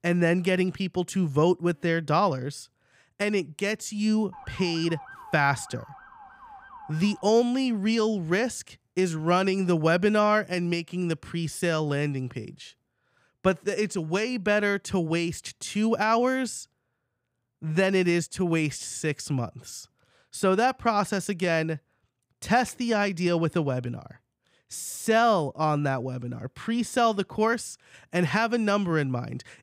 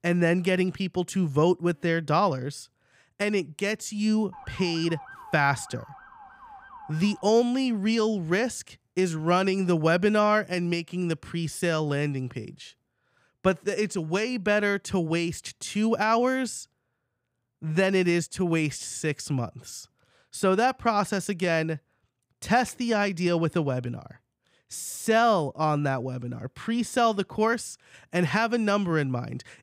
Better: neither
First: siren; faint; from 4.5 to 7 s; peak 15 dB below the speech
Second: siren; faint; from 4.5 to 7 s; peak 15 dB below the speech

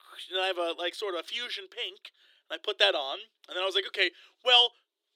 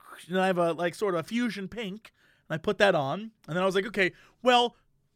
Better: second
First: thin; very; fading below 350 Hz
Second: none

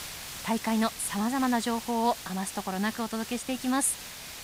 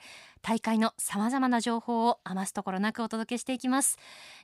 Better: second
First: hiss; noticeable; throughout; 10 dB below the speech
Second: none

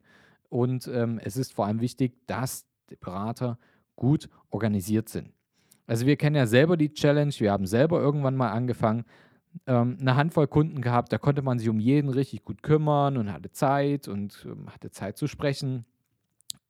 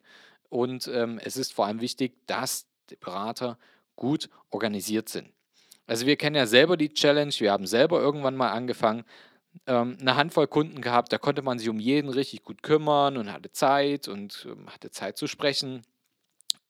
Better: first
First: none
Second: thin; somewhat; fading below 300 Hz

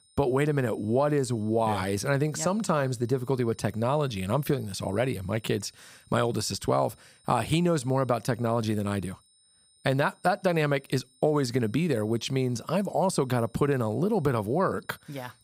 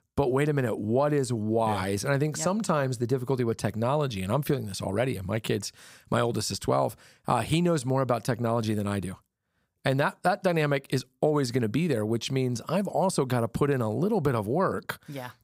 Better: second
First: high-pitched whine; faint; throughout; 9 kHz, 30 dB below the speech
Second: none

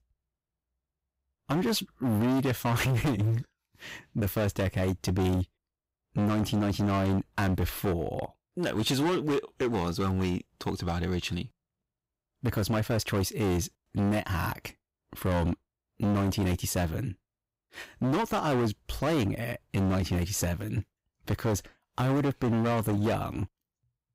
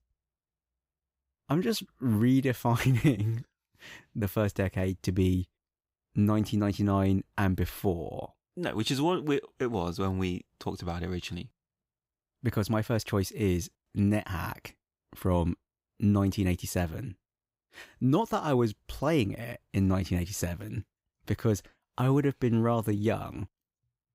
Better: second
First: distortion; heavy; 17% of the sound clipped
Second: none

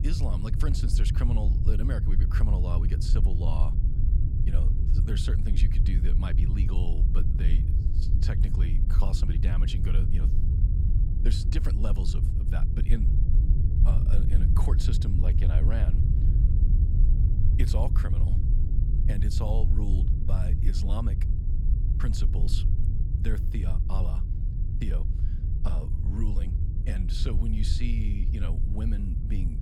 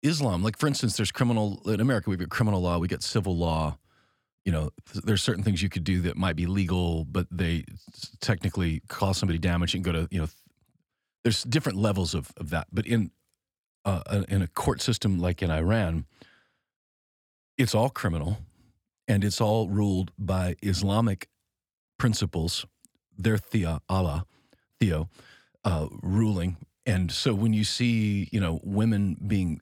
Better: second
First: low rumble; loud; throughout; 2 dB below the speech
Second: none

